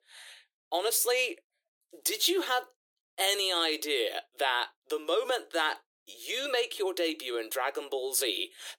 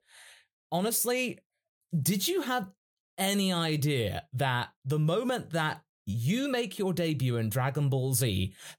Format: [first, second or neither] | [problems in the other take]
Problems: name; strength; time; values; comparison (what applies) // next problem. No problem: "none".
second | thin; very; fading below 350 Hz